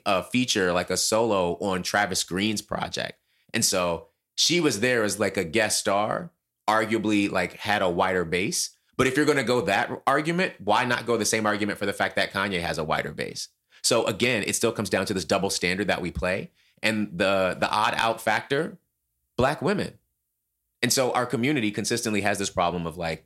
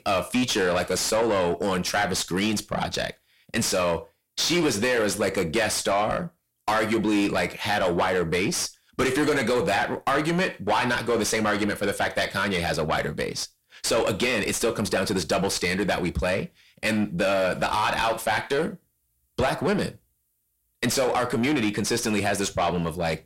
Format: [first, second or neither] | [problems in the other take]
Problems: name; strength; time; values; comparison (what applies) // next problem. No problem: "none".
first | distortion; heavy; 6 dB below the speech